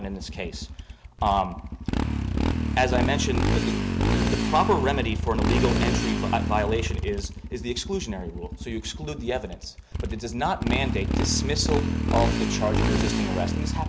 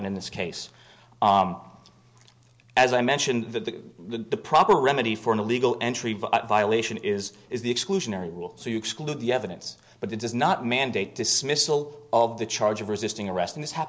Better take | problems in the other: second | background sound (Motorcycle); 3 dB above the speech

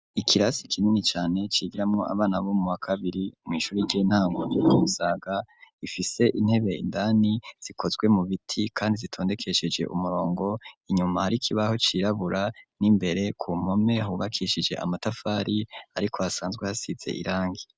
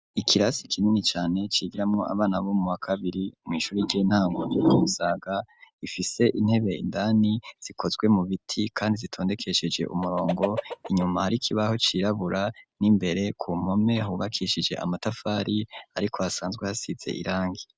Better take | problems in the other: first | background sound (Chicken, rooster); 10 dB below the speech

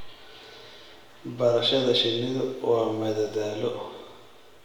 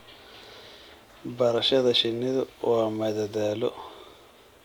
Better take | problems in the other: second | room echo; dies away in 0.9 s

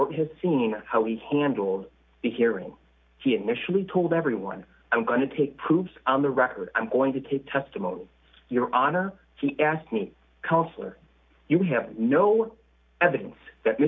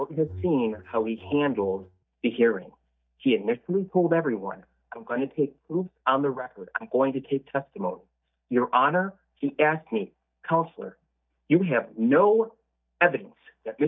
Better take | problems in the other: first | noise reduction (neural mask model DeepFilterNet 3)

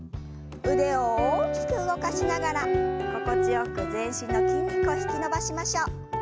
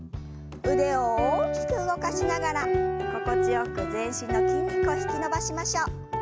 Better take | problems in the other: second | background sound (Bowed string instrument); 19 dB below the speech

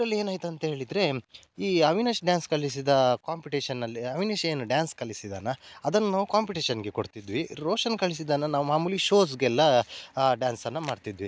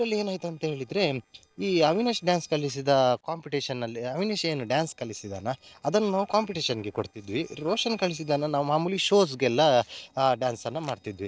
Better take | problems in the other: first | noise reduction (neural separator model SepFormer DNS4)

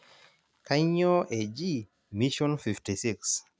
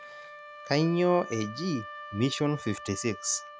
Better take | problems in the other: first | background sound (Wind instrument, woodwind instrument); 14 dB below the speech

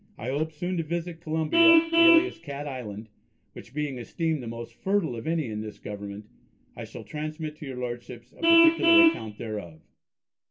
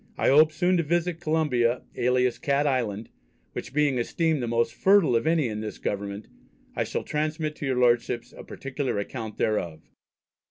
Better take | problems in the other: second | background sound (Vehicle horn, car horn, honking); 3 dB above the speech // room echo; dies away in 0.2 s

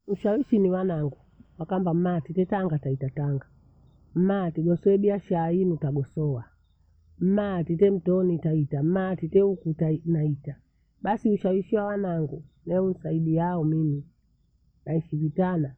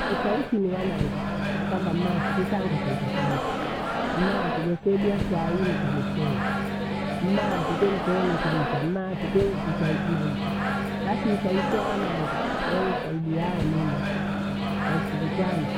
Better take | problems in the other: first | background sound (Microwave oven); 1 dB above the speech

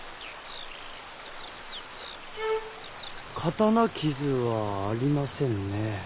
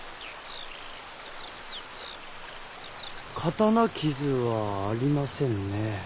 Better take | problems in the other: second | background sound (Bowed string instrument); 5 dB below the speech

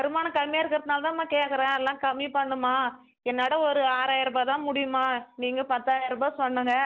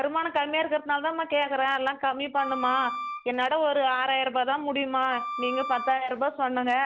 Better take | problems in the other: first | background sound (Wind instrument, woodwind instrument); 9 dB below the speech

